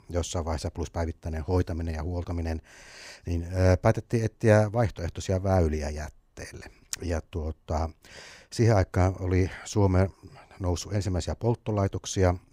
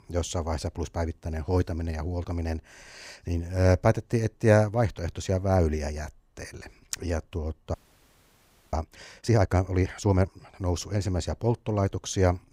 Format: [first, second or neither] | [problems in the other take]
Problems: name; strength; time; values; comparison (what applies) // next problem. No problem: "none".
first | audio freezing; at 7.5 s for 1 s